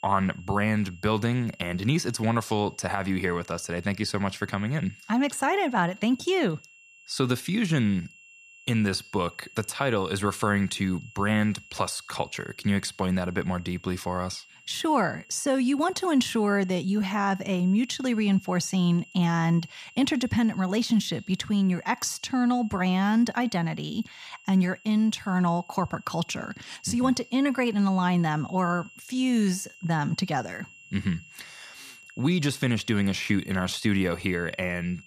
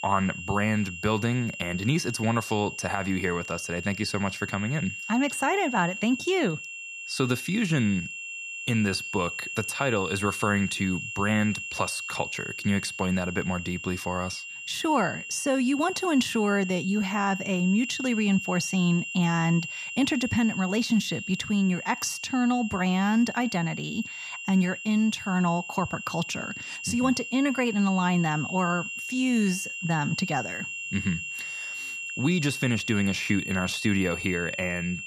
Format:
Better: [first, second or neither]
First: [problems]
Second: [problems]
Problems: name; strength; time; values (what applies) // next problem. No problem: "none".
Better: first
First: high-pitched whine; faint; throughout; 3 kHz, 25 dB below the speech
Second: high-pitched whine; loud; throughout; 3 kHz, 7 dB below the speech